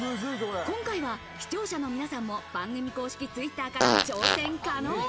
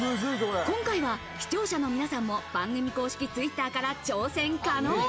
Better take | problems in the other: second | background sound (Fart); 4 dB above the speech

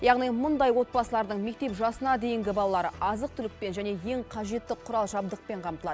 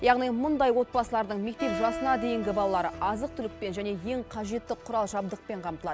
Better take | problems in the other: first | background sound (Acoustic guitar); 12 dB below the speech

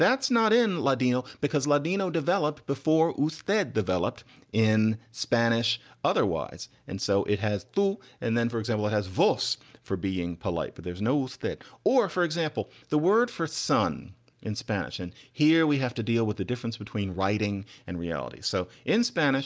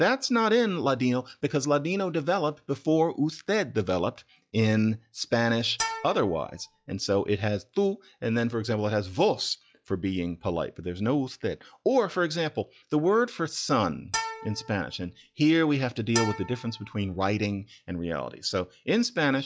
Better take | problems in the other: first | noise reduction (classical method log-MMSE)

